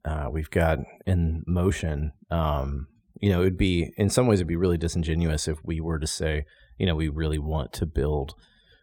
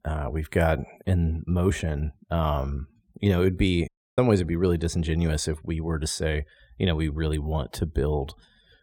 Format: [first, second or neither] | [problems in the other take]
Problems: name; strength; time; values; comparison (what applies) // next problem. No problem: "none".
first | audio cutting out; at 4 s